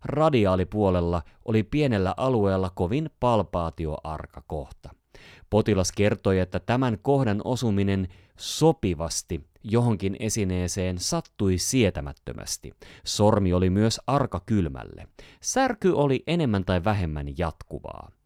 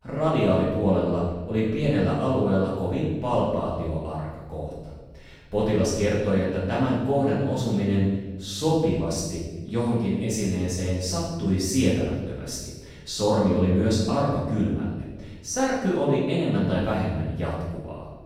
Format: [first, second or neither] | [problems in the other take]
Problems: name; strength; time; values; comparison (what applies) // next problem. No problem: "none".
first | off-mic speech; far // room echo; strong; dies away in 1 s